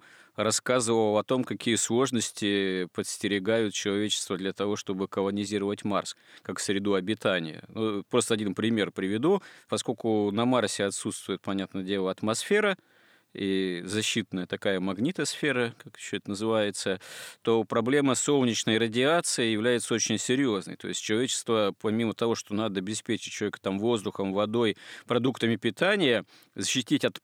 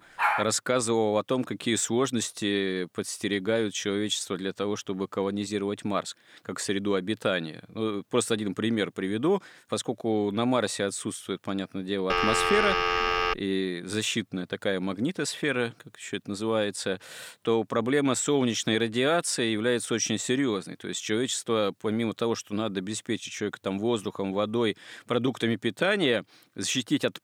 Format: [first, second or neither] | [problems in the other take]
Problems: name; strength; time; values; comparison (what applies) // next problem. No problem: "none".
first | dog barking; loud; at the start; peak 2 dB above the speech // phone ringing; loud; from 12 to 13 s; peak 4 dB above the speech